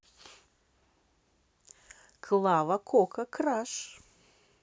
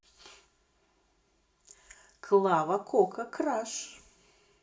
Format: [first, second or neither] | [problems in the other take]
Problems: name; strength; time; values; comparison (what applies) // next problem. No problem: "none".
first | room echo; dies away in 0.5 s